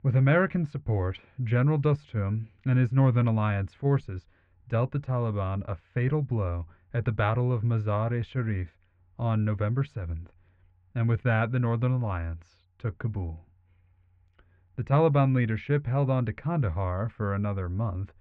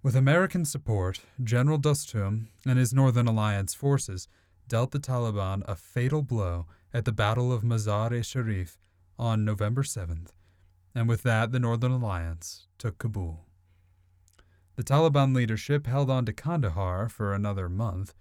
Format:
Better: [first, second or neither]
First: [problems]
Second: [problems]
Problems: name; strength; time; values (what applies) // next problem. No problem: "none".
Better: second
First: muffled; very; fading above 2.5 kHz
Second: none